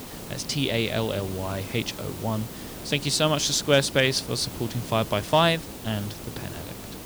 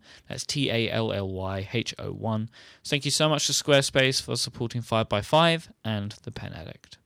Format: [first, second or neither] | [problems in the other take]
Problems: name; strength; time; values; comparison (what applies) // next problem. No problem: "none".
second | hiss; noticeable; throughout; 10 dB below the speech